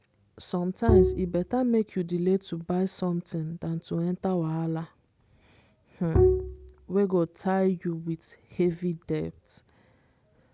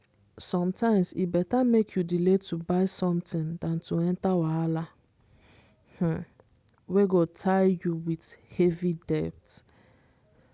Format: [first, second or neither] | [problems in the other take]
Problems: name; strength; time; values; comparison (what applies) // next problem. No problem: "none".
second | background sound (Bowed string instrument); 4 dB above the speech